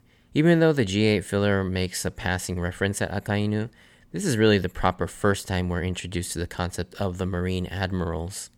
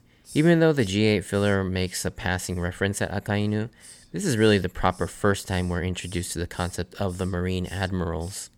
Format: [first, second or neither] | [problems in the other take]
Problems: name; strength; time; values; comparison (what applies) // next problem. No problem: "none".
first | hiss; faint; throughout; 25 dB below the speech